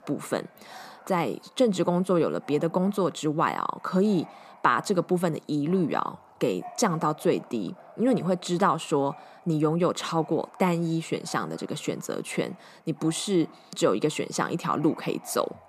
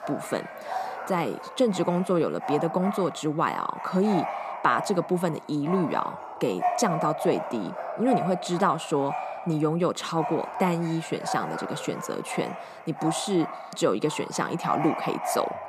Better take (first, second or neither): first